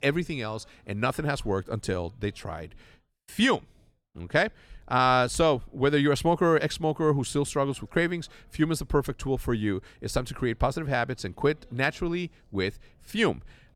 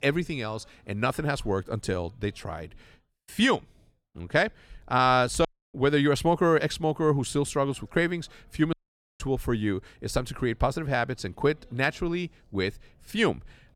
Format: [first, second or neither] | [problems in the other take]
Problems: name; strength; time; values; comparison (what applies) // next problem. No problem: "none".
first | audio cutting out; at 5.5 s and at 8.5 s